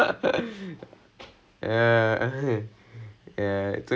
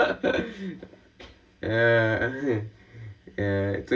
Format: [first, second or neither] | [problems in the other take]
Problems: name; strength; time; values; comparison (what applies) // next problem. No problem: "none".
first | room echo; dies away in 0.1 s